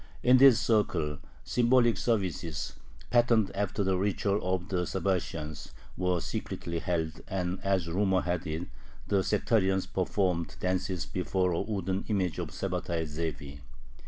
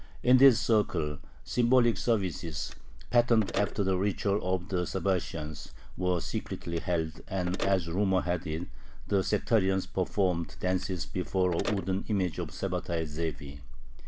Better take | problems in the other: first | background sound (Telephone); 19 dB below the speech

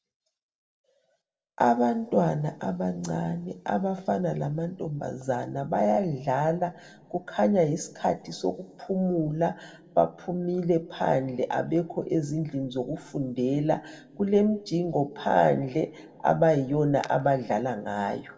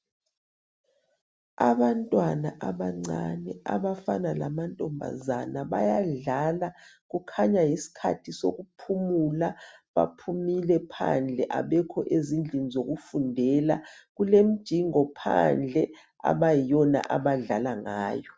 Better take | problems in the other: second | room echo; dies away in 2 s

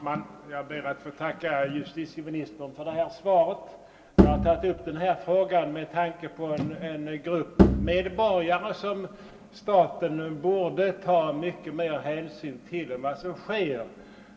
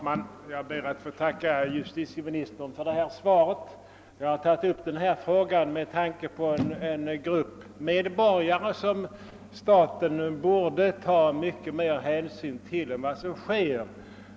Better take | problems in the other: second | background sound (Bowed string instrument); 4 dB above the speech // room echo; dies away in 1.5 s

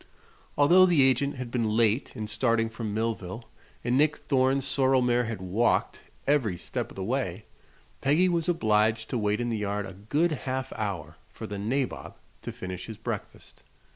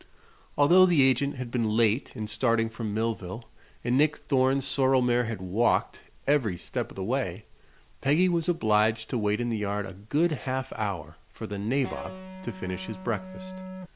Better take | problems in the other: first | background sound (Electric guitar); 12 dB below the speech

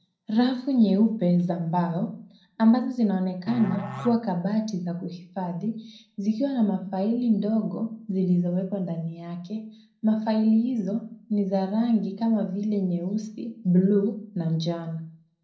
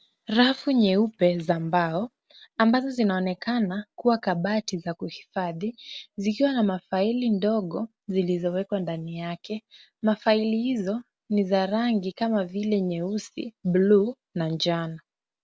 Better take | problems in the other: second | background sound (Musical instrument); 15 dB below the speech // room echo; dies away in 0.5 s

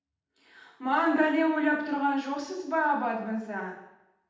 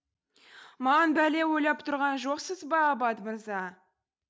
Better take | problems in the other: second | room echo; dies away in 0.8 s

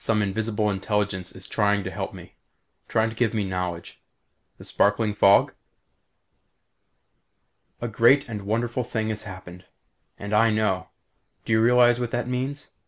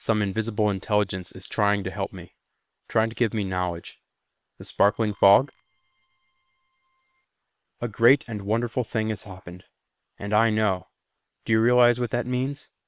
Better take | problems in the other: first | noise reduction (neural separator model SepFormer WHAM!)

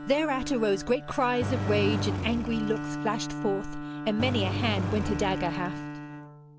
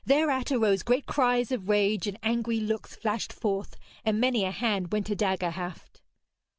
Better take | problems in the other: second | background sound (Bowed string instrument + Engine); 3 dB below the speech

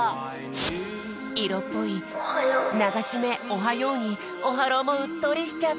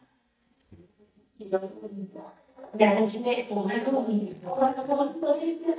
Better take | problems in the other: first | noise reduction (neural mask model DeepFilterNet 3)

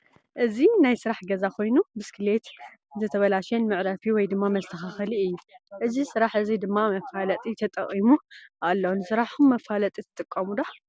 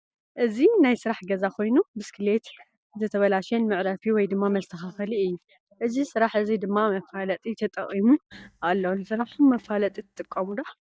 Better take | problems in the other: first | noise reduction (neural mask model DeepFilterNet 3)

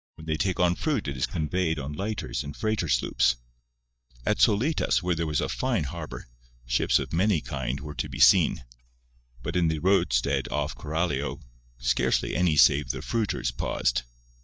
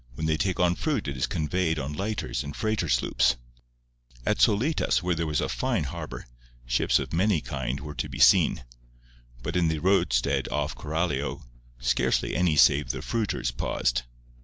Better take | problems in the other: second | noise reduction (neural mask model DeepFilterNet 3)

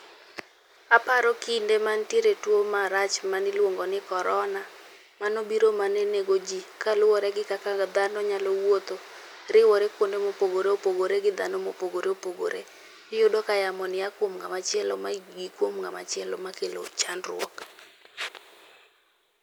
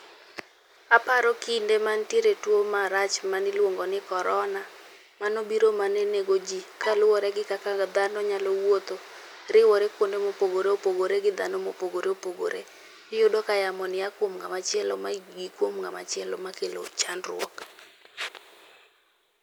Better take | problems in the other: first | background sound (Bowed string instrument); 13 dB below the speech

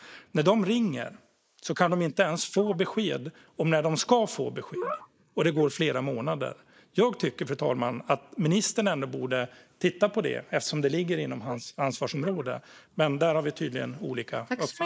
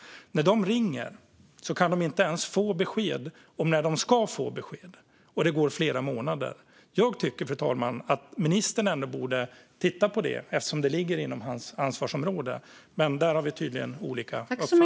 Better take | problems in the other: second | noise reduction (neural mask model Resemble Enhance denoiser)

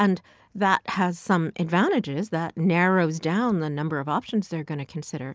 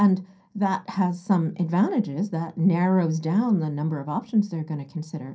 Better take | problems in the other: first | room echo; dies away in 0.3 s

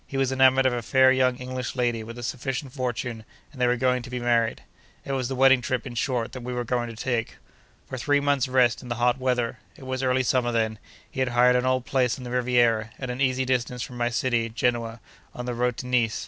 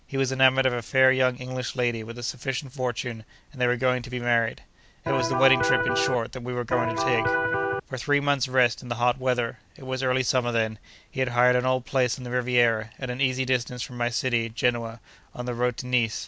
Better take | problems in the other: first | background sound (Electric guitar); 1 dB above the speech

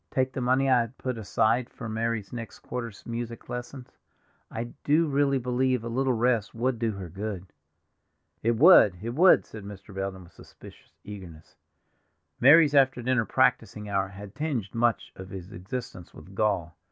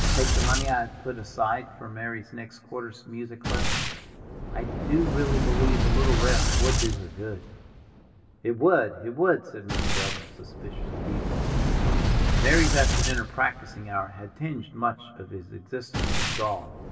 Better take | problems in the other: first | background sound (Boom); 3 dB above the speech // room echo; dies away in 2.9 s

